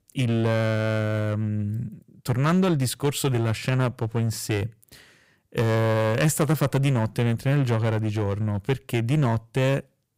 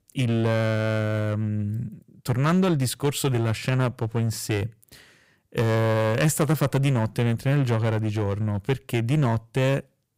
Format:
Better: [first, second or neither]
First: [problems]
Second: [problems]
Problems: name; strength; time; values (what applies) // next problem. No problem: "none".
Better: neither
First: distortion; slight; 10% of the sound clipped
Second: distortion; slight; 10% of the sound clipped